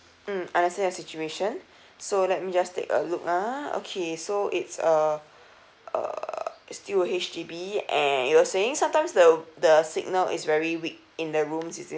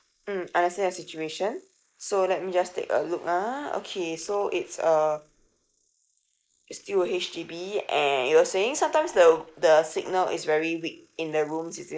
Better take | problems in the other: first | noise reduction (neural mask model Resemble Enhance denoiser)

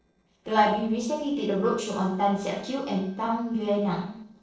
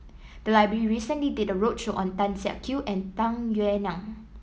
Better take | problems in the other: second | noise reduction (neural separator model SepFormer DNS4)

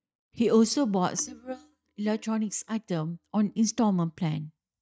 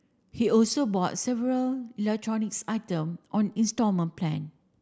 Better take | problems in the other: second | noise reduction (neural mask model DeepFilterNet 3)

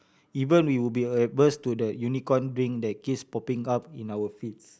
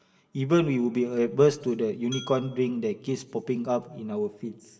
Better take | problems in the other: first | background sound (Glass); 18 dB below the speech // room echo; dies away in 1.2 s

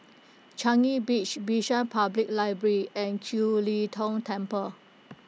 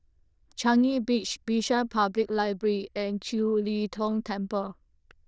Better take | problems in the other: first | noise reduction (neural diffusion model UNIVERSE++)

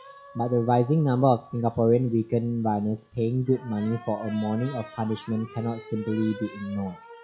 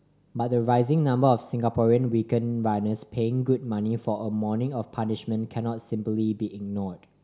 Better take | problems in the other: second | noise reduction (classical method log-MMSE)

